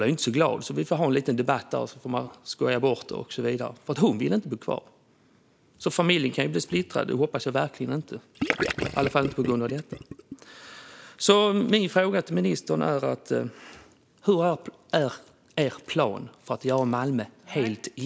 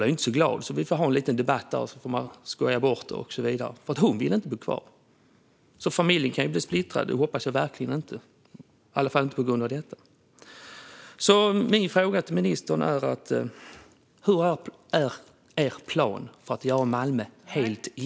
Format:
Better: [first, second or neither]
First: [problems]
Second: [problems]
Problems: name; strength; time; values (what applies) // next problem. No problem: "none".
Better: second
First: background sound (Gurgling / Liquid); 5 dB below the speech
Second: none